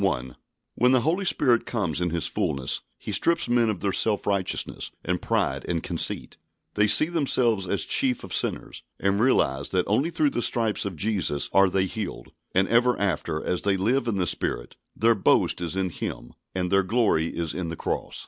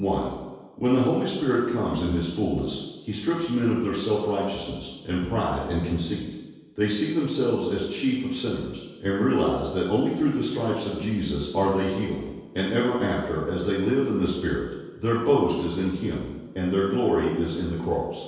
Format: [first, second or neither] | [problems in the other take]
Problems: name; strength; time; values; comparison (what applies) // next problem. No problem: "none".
first | room echo; dies away in 1.2 s